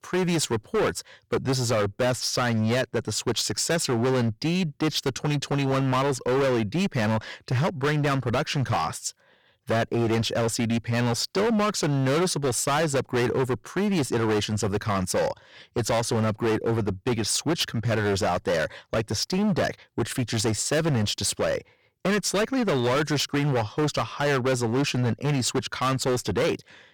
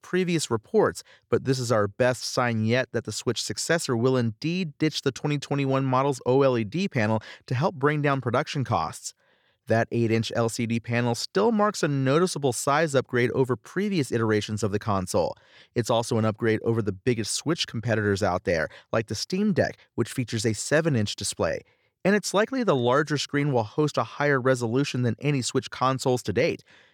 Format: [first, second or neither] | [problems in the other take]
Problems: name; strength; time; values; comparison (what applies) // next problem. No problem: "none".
second | distortion; heavy; 21% of the sound clipped